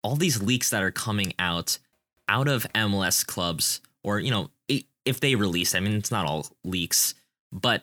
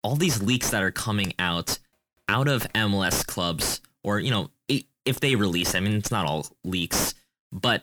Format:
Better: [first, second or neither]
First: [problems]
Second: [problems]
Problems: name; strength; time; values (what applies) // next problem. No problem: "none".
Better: first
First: none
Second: distortion; slight; 7 dB below the speech